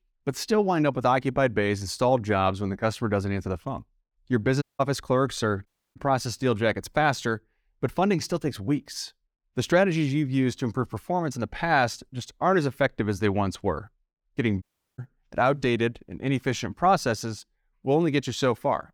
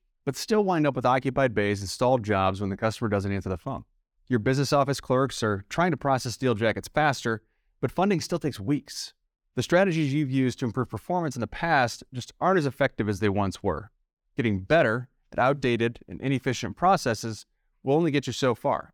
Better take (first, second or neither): second